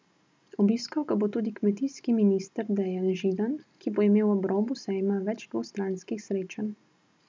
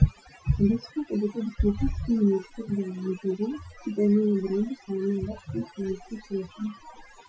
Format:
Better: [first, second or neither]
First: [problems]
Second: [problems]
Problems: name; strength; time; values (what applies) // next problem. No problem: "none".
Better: first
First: none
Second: noise reduction (classical method Wiener filter)